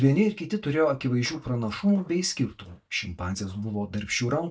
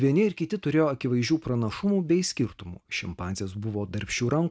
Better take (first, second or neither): second